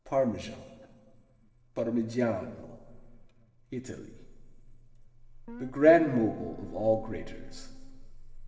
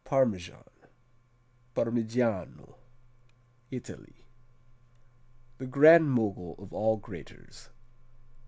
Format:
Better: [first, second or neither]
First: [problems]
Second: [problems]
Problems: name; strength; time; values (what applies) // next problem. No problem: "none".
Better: second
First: noise reduction (neural separator model SepFormer DNS4)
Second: none